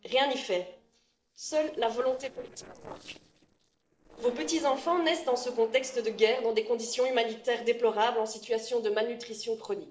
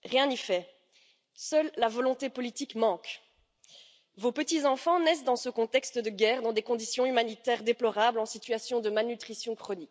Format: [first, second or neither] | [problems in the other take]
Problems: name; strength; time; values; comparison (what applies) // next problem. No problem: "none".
second | noise reduction (neural separator model SepFormer DNS4)